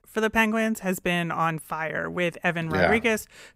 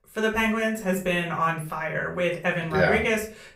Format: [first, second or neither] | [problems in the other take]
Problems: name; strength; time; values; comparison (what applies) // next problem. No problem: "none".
first | room echo; very slight; dies away in 0.3 s // off-mic speech; far